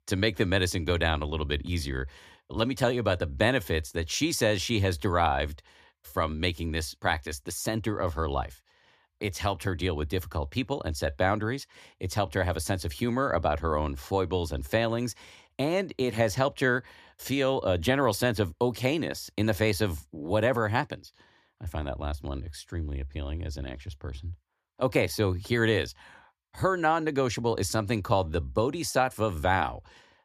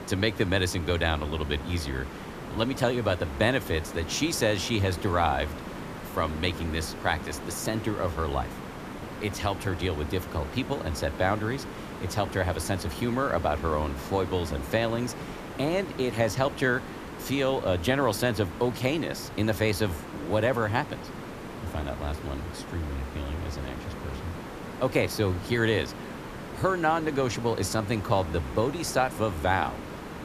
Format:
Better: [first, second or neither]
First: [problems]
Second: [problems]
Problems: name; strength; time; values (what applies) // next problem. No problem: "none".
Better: first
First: none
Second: hiss; noticeable; throughout; 10 dB below the speech